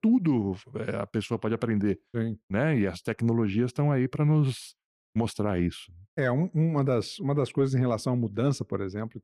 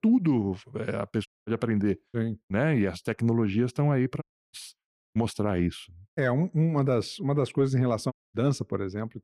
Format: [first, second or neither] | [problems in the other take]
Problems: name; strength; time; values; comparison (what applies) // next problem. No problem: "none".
first | audio cutting out; at 1.5 s, at 4 s and at 8 s